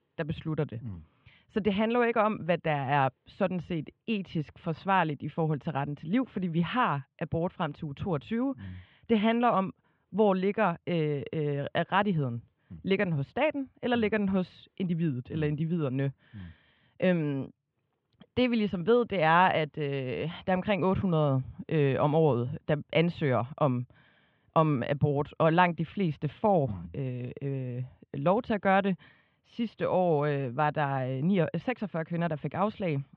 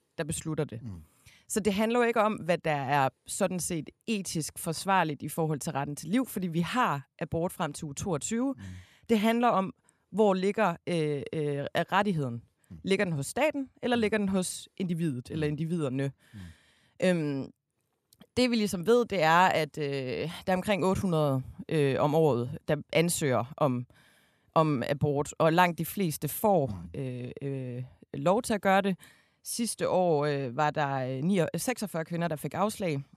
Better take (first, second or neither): second